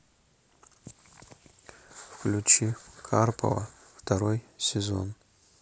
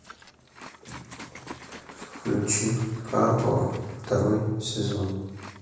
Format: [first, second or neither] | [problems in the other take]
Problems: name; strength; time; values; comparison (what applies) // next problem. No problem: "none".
first | background sound (Liquid); 18 dB below the speech // room echo; dies away in 1.1 s